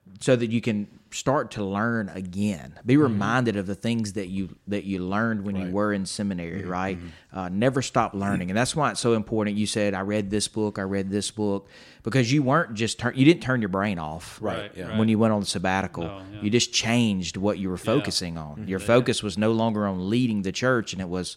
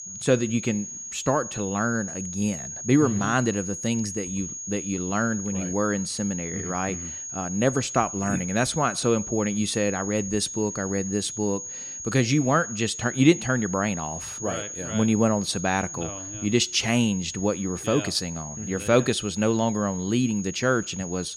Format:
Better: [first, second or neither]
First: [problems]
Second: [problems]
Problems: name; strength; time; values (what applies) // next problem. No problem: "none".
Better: first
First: none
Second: high-pitched whine; loud; throughout; 6.5 kHz, 8 dB below the speech